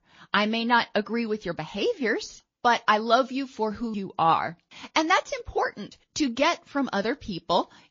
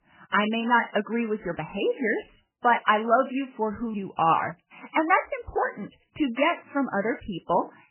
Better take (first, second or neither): first